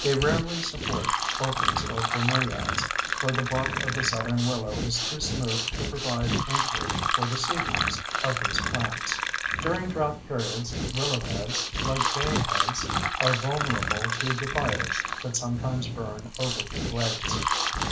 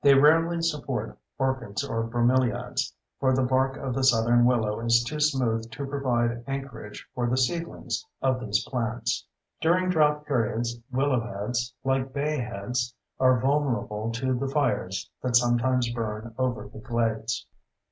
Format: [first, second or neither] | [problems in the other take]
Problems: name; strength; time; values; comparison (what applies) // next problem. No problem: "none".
second | background sound (Breathing + Fill (with liquid)); 2 dB above the speech